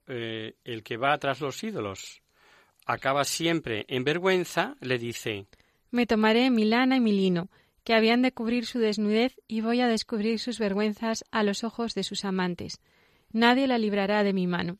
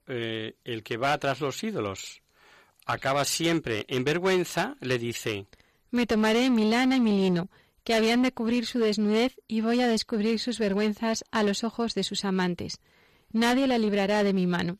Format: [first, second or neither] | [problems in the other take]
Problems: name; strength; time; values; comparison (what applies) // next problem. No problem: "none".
first | distortion; slight; 8% of the sound clipped